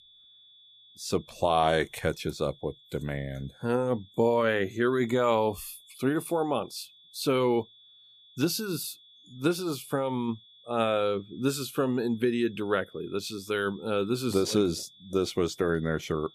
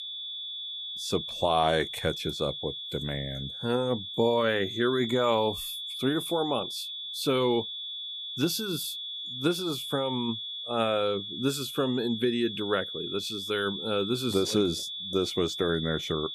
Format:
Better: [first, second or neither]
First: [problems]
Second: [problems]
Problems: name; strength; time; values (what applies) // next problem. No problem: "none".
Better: first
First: high-pitched whine; faint; throughout; 3.5 kHz, 25 dB below the speech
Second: high-pitched whine; loud; throughout; 3.5 kHz, 5 dB below the speech